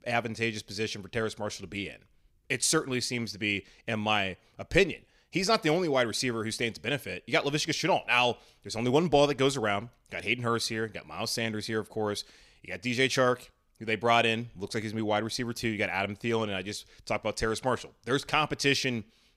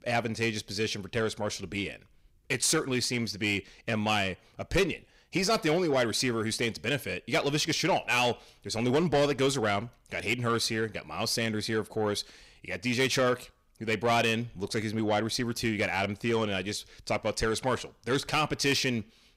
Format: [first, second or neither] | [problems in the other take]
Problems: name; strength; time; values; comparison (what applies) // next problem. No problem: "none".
first | distortion; slight; 10 dB below the speech